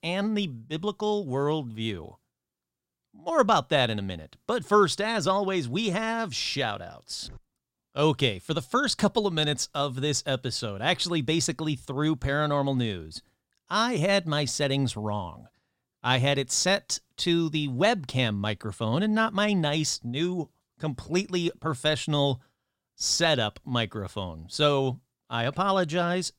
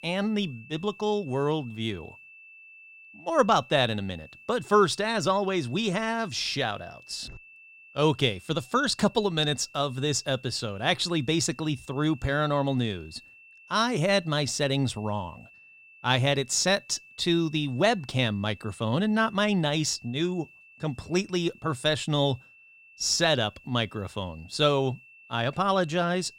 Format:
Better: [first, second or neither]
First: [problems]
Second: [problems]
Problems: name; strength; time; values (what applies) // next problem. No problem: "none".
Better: first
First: none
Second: high-pitched whine; faint; throughout; 2.5 kHz, 25 dB below the speech